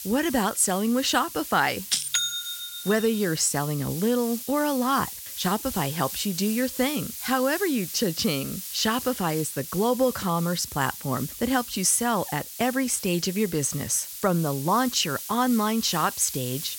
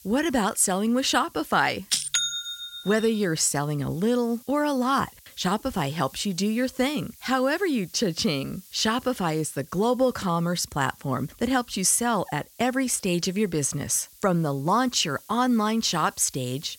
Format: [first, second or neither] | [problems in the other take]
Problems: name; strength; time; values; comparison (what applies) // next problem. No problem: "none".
second | hiss; loud; throughout; 9 dB below the speech; faint in the second